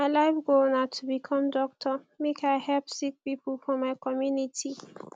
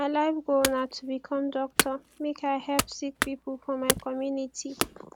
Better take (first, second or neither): first